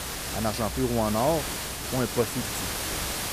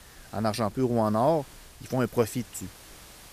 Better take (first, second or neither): second